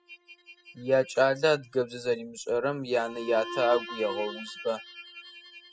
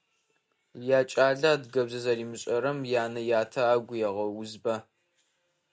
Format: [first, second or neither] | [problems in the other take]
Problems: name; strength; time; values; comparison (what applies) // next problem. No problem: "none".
second | noise reduction (classical method spectral subtraction)